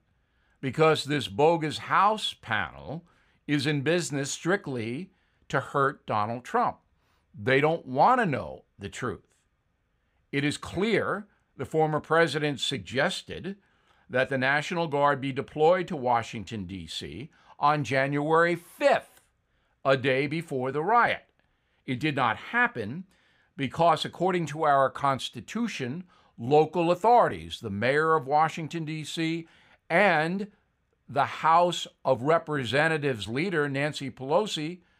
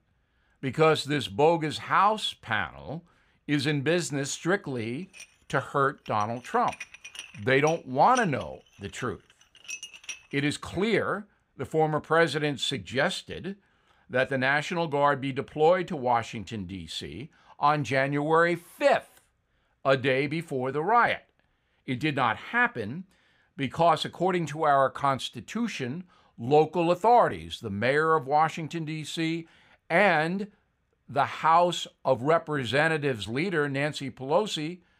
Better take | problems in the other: first | clattering dishes; faint; from 5 to 10 s; peak 10 dB below the speech

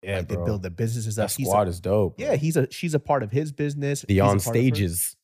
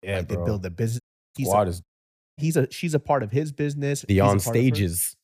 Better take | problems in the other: first | audio cutting out; at 1 s and at 2 s for 0.5 s

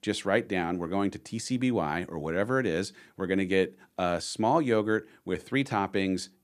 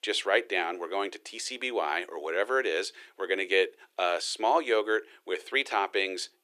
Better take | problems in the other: first | thin; very; fading below 350 Hz

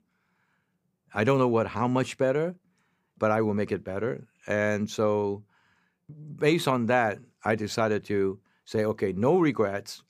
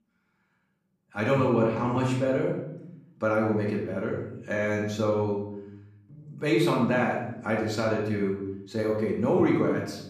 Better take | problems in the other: first | off-mic speech; far // room echo; noticeable; dies away in 0.9 s

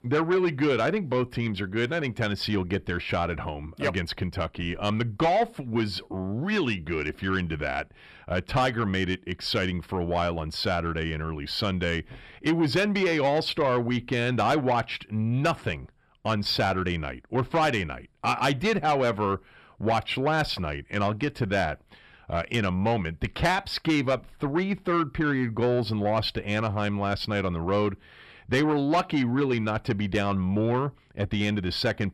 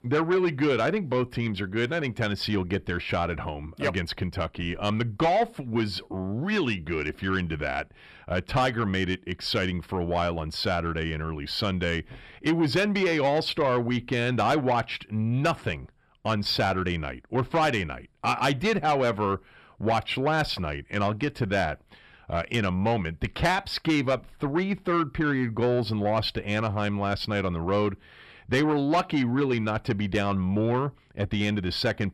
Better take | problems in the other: neither | distortion; slight; 10 dB below the speech; the same in both

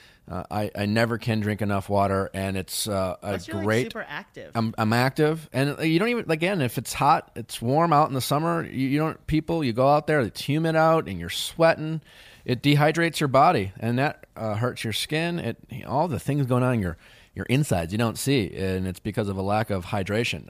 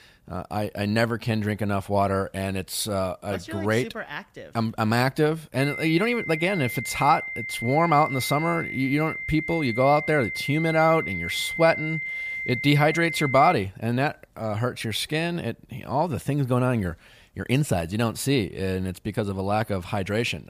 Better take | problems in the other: first | high-pitched whine; loud; from 5.5 to 14 s; 2 kHz, 6 dB below the speech

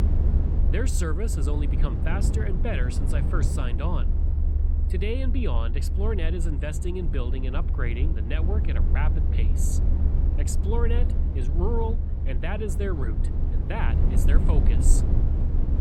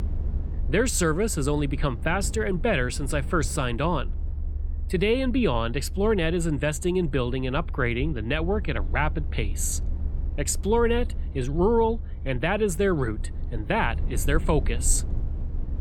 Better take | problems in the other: second | low rumble; loud; throughout; 5 dB below the speech; faint in the second

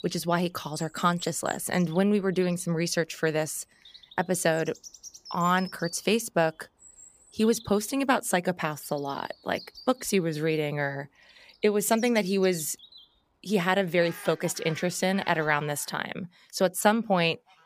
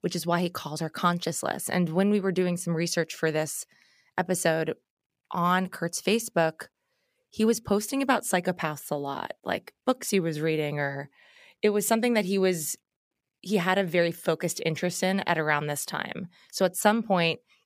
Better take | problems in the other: second | animal sounds; noticeable; throughout; 20 dB below the speech

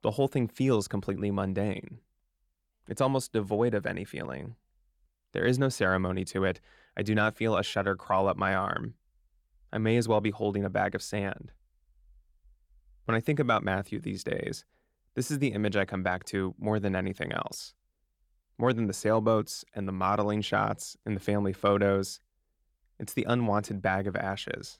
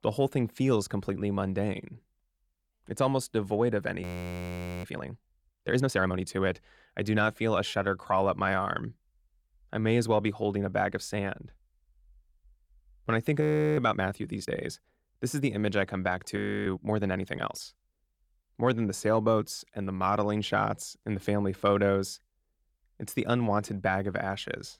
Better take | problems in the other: first | audio freezing; at 4 s for 1 s, at 13 s and at 16 s

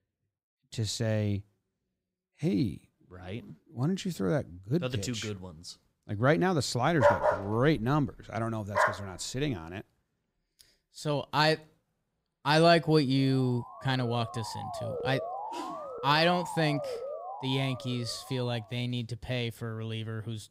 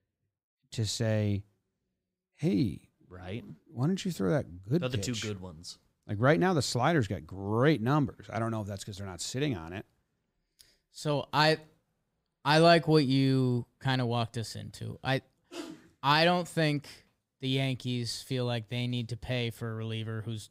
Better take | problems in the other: second | dog barking; loud; from 7 to 9 s; peak 5 dB above the speech // siren; noticeable; from 13 to 19 s; peak 6 dB below the speech

